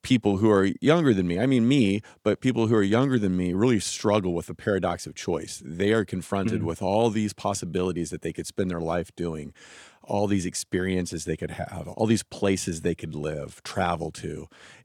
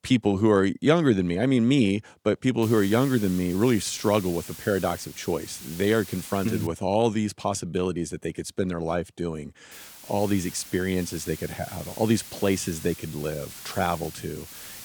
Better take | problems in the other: first | hiss; noticeable; from 2.5 to 6.5 s and from 9.5 s on; 15 dB below the speech

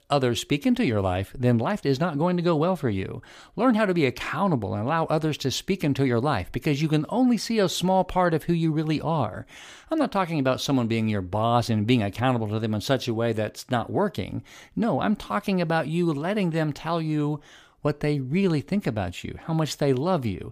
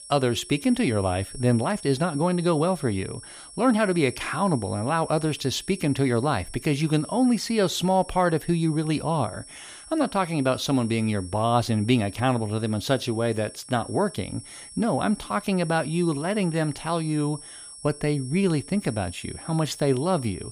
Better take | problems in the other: first | high-pitched whine; noticeable; throughout; 10 kHz, 15 dB below the speech

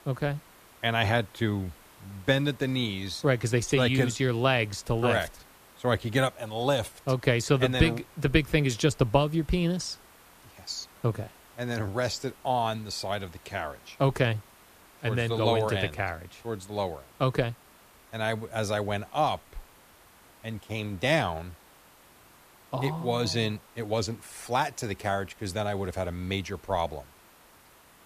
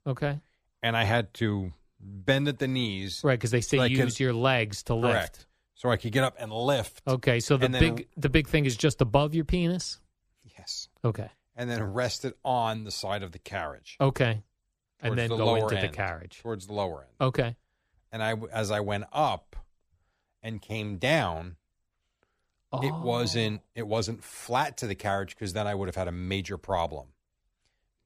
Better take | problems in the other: second | hiss; faint; throughout; 25 dB below the speech

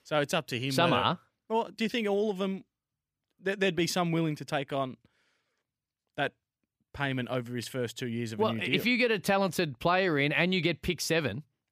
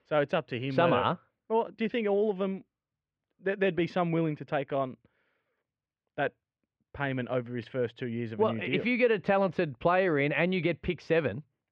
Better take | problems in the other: first | muffled; very; fading above 2.5 kHz

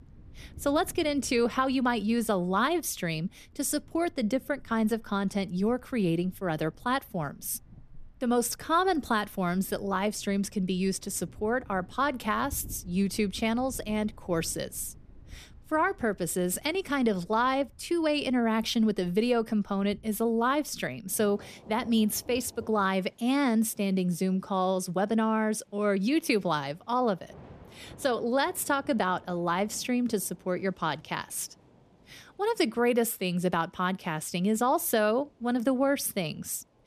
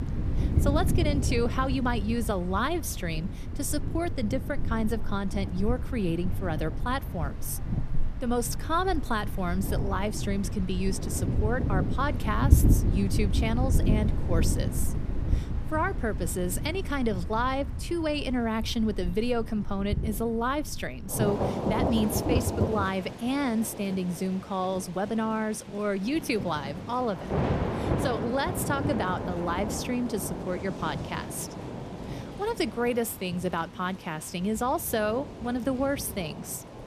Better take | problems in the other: first | rain or running water; loud; throughout; 1 dB below the speech; faint in the first

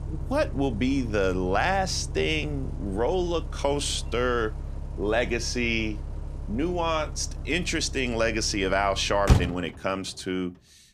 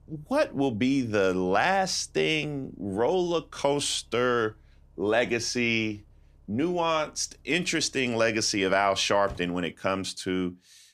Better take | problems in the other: second | traffic noise; loud; throughout; 7 dB below the speech; faint in the second

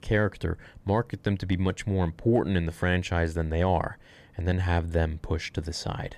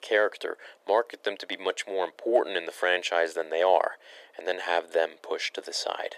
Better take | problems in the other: first | thin; very; fading below 400 Hz

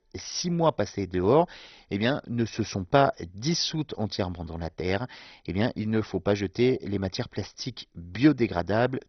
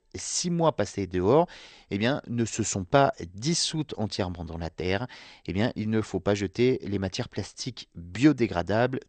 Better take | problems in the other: second | garbled, watery; badly; nothing above 6 kHz; slightly in the second

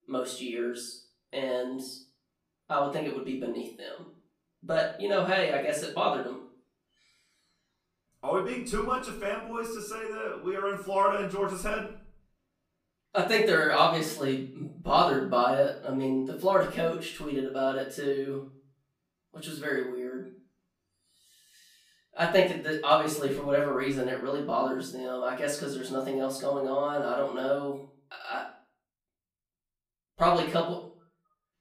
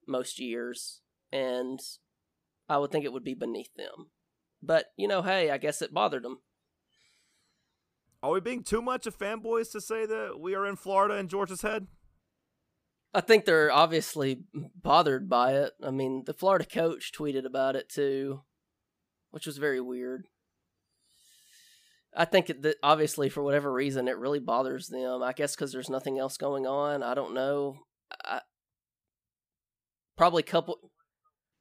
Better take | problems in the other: second | off-mic speech; far // room echo; slight; dies away in 0.4 s

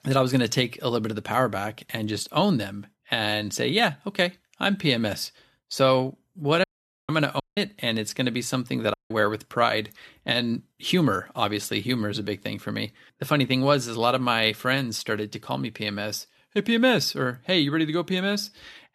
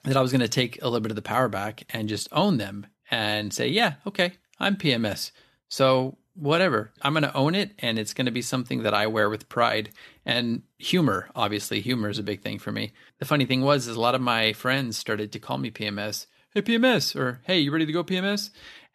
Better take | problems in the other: second | audio cutting out; at 6.5 s, at 7.5 s and at 9 s

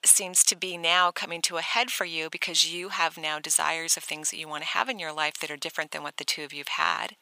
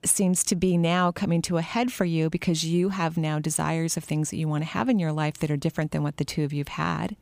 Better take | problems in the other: second | thin; very; fading below 950 Hz

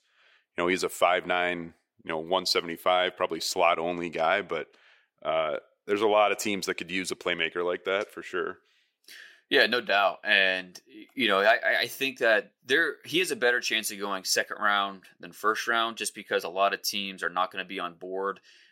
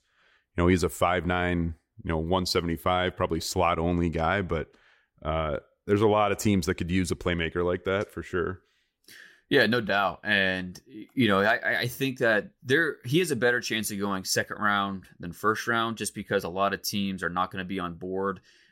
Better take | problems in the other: second | thin; somewhat; fading below 350 Hz

